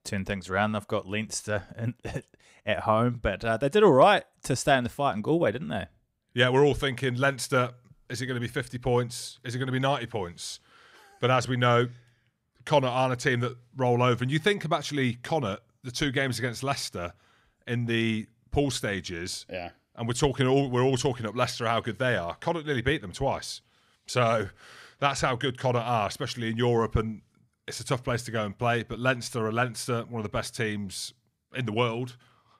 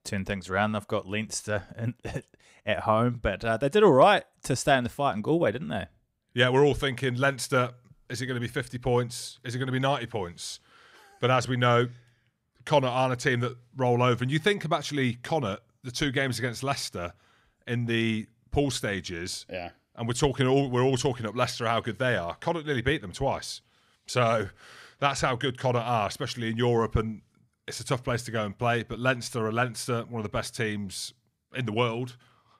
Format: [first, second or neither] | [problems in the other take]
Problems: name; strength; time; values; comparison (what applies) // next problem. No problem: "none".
neither | none